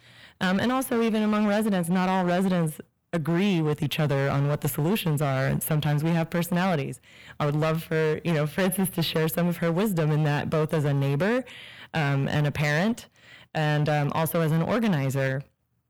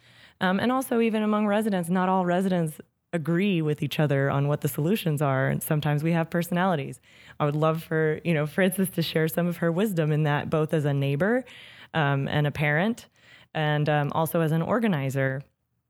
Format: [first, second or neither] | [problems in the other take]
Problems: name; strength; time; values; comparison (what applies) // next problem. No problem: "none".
second | distortion; slight; 17% of the sound clipped